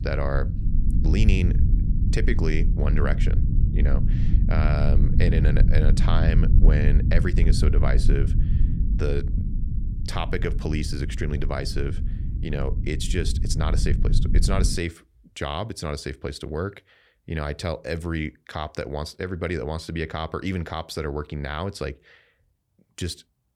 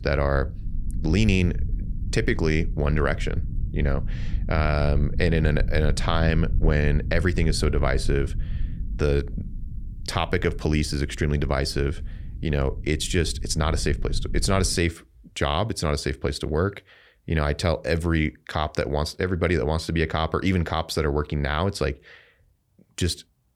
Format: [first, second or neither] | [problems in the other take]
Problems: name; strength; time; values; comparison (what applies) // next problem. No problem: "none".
second | low rumble; loud; until 15 s; 7 dB below the speech; faint in the second